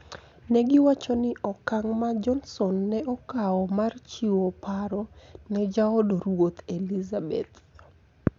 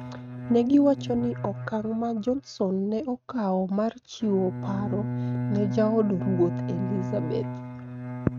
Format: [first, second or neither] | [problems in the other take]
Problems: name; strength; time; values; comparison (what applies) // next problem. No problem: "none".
first | noise reduction (neural mask model RNNoise)